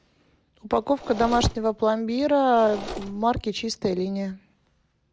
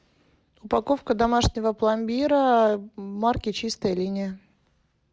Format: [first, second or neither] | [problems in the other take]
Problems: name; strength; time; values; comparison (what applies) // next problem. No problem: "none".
second | background sound (Mechanisms); 13 dB below the speech